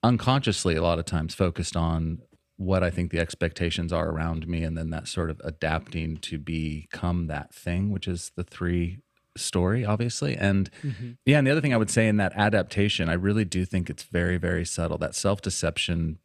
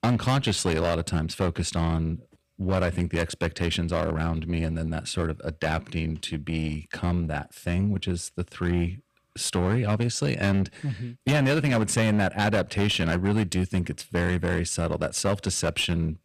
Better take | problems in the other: first | distortion; slight; 10% of the sound clipped

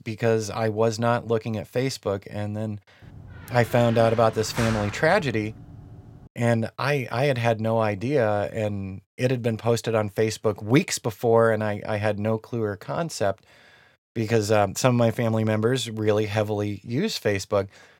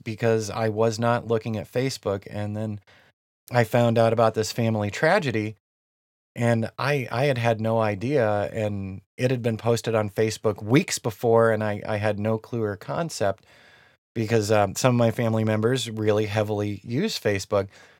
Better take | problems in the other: second | door banging; noticeable; from 3 to 6.5 s; peak 7 dB below the speech

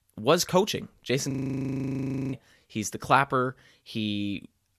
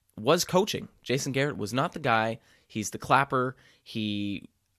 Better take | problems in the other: second | audio freezing; at 1.5 s for 1 s

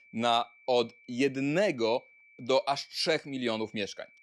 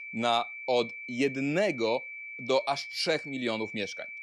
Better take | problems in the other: first | high-pitched whine; loud; throughout; 2.5 kHz, 9 dB below the speech; faint in the first

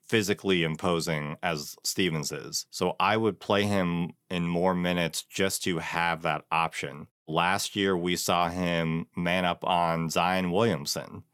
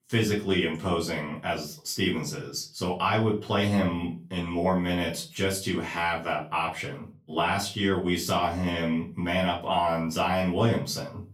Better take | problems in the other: first | off-mic speech; far // room echo; slight; dies away in 0.3 s

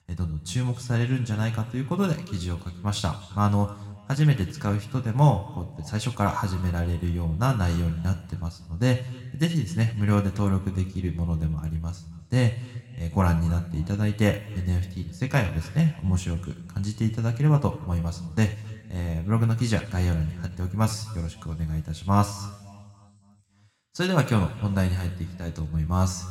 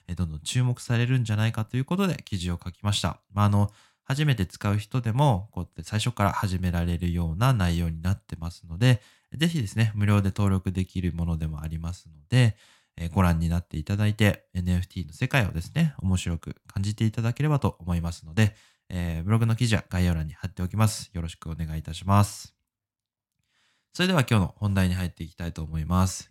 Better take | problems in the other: second | room echo; slight; dies away in 1.4 s

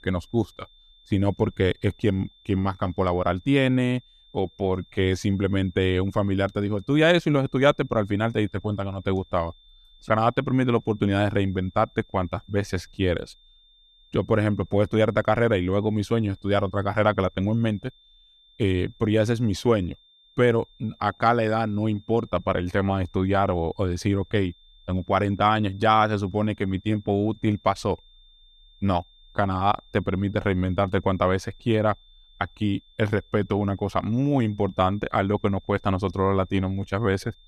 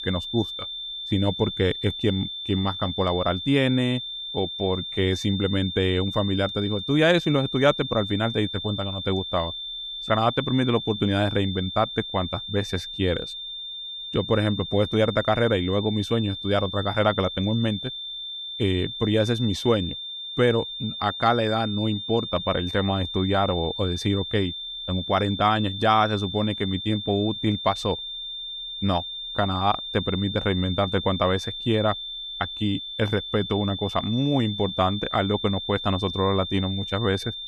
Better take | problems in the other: first | high-pitched whine; loud; throughout; 3.5 kHz, 7 dB below the speech; faint in the first

